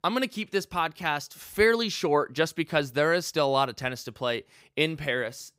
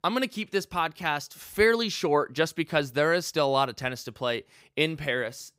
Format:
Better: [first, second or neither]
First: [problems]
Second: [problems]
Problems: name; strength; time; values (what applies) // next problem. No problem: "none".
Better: neither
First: none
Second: none